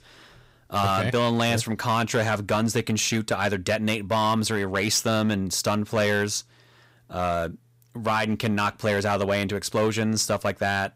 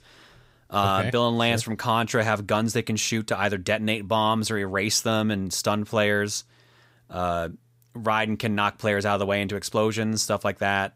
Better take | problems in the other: second | distortion; slight; 6% of the sound clipped

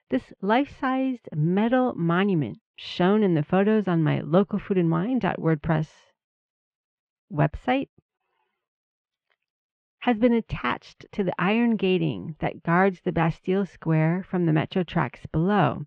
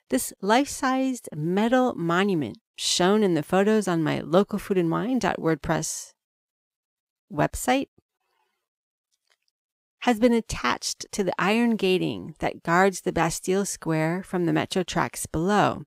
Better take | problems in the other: second | muffled; very; fading above 3 kHz

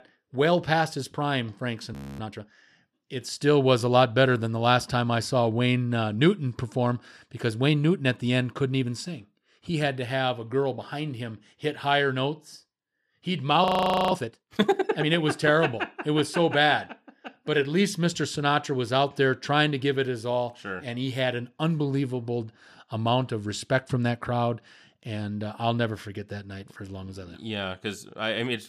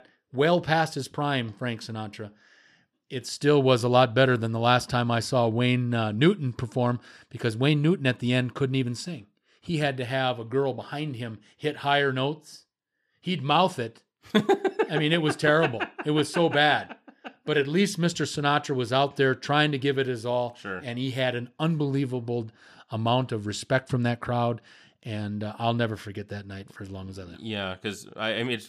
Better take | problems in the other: second | audio freezing; at 2 s and at 14 s

